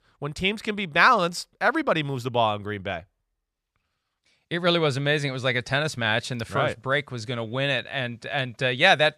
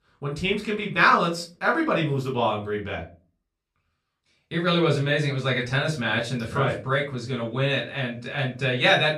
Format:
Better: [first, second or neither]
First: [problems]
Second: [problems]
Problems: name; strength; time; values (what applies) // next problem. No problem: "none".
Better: first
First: none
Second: off-mic speech; far // room echo; very slight; dies away in 0.3 s